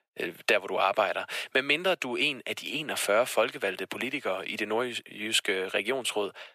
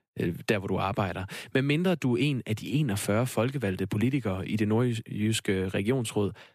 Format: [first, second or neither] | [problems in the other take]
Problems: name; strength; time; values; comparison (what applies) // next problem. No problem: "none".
second | thin; very; fading below 600 Hz